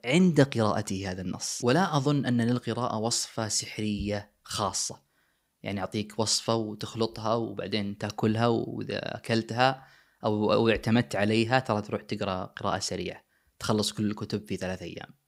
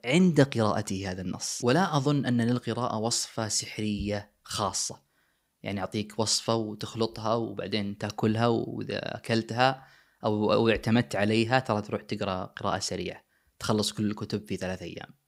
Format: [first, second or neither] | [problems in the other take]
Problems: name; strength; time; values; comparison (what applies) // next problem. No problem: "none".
neither | none